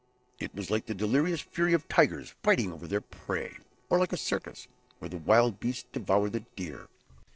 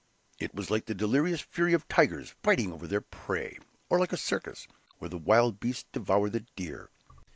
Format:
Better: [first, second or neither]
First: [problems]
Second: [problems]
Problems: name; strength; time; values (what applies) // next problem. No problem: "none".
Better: second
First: noise reduction (neural separator model SepFormer DNS4)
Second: none